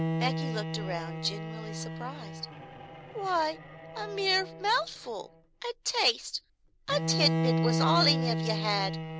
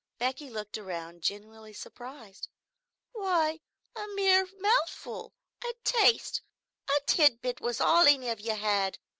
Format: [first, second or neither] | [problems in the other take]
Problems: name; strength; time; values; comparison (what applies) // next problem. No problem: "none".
second | background sound (Bowed string instrument); 1 dB below the speech